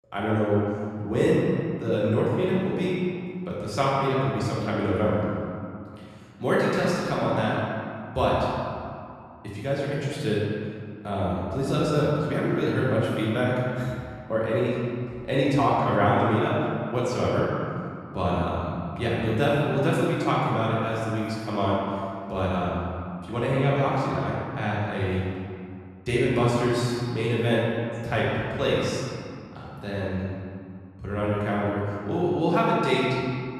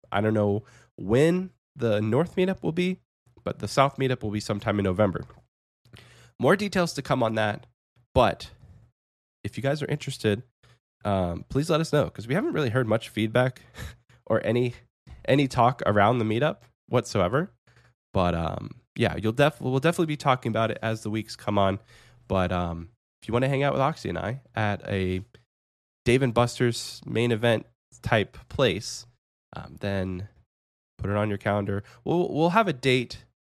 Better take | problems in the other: second | room echo; strong; dies away in 2.1 s // off-mic speech; far

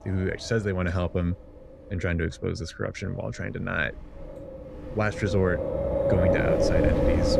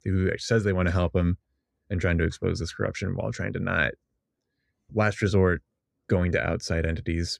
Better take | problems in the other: second | wind in the background; very loud; throughout; 3 dB above the speech

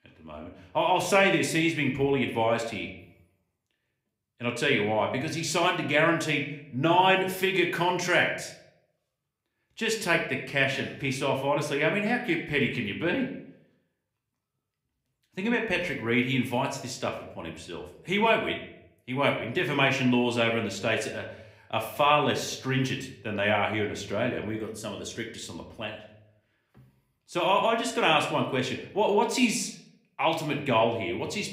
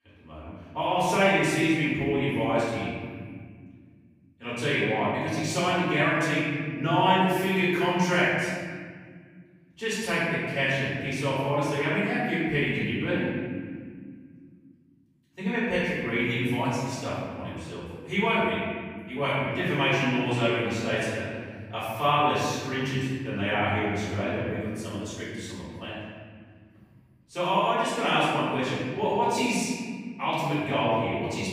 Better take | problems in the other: first | room echo; strong; dies away in 2.1 s; slight in the first // off-mic speech; far

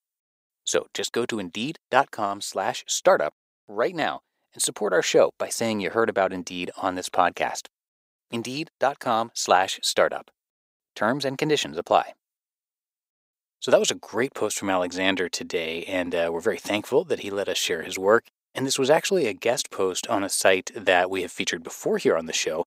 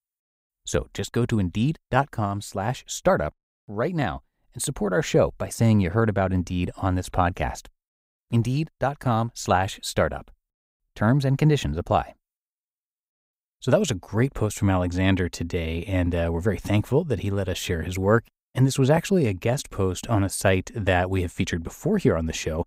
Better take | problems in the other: second | thin; somewhat; fading below 400 Hz

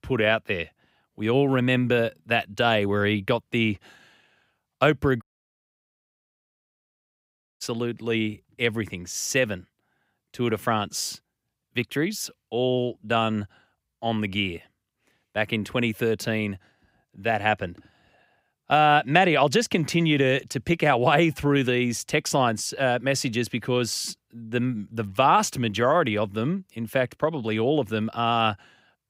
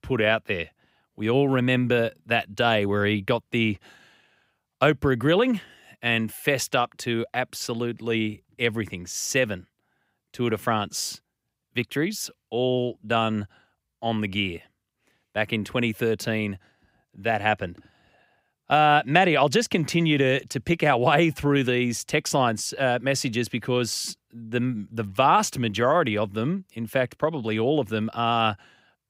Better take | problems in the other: second | audio cutting out; at 5 s for 2.5 s

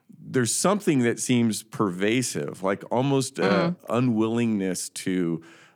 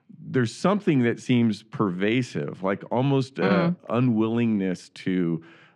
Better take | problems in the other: first | muffled; slightly; fading above 3 kHz

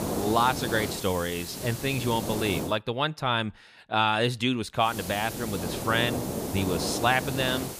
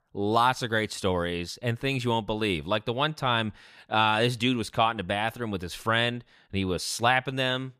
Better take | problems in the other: second | hiss; loud; until 2.5 s and from 5 s on; 6 dB below the speech

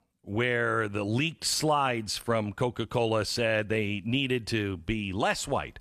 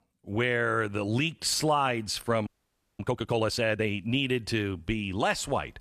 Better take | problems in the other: first | audio freezing; at 2.5 s for 0.5 s

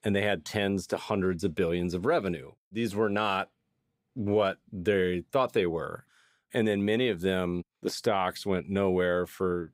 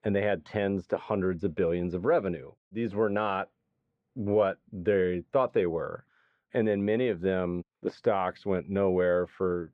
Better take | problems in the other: first | muffled; very; fading above 2 kHz

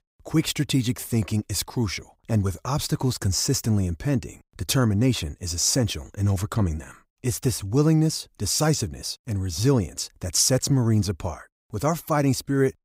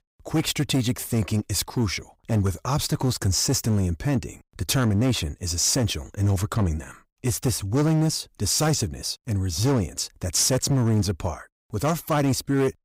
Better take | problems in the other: first | distortion; slight; 10% of the sound clipped

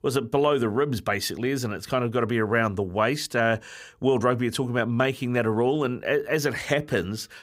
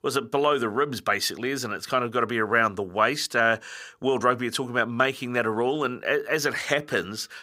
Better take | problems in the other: first | thin; very slightly; fading below 600 Hz

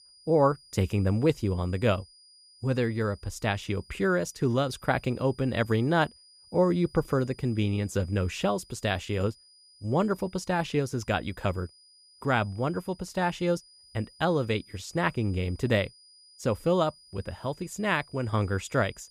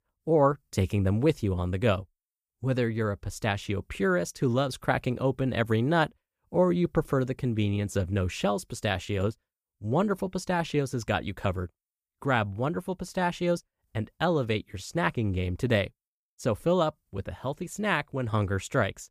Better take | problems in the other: second | high-pitched whine; faint; throughout; 5 kHz, 25 dB below the speech

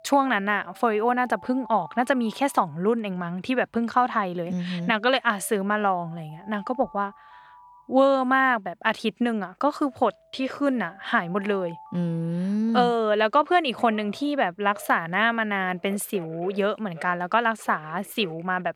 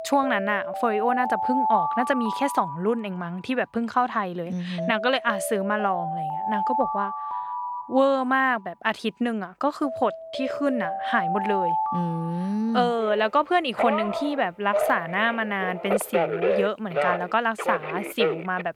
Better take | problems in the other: first | alarms or sirens; loud; throughout; 3 dB below the speech; faint in the first

